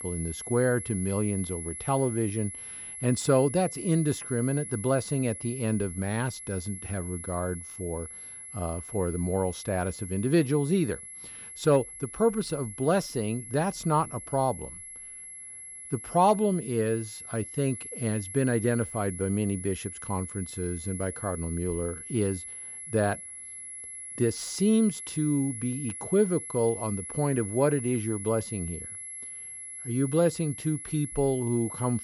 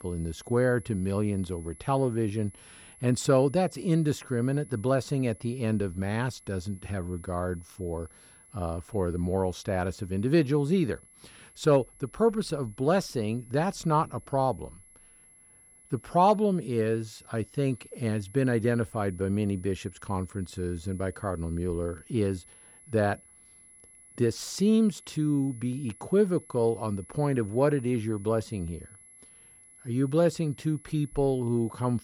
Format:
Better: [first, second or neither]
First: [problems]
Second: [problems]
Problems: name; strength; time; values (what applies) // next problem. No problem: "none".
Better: second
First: high-pitched whine; loud; throughout; 11 kHz, 9 dB below the speech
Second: high-pitched whine; faint; throughout; 11 kHz, 25 dB below the speech